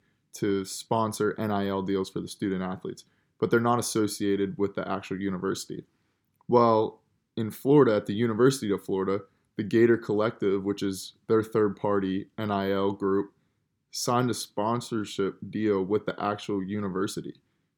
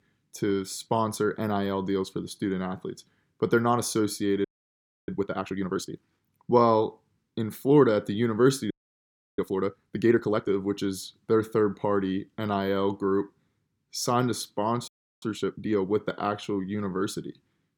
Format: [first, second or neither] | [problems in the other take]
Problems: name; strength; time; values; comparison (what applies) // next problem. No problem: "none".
first | audio freezing; at 4.5 s for 0.5 s, at 8.5 s for 0.5 s and at 15 s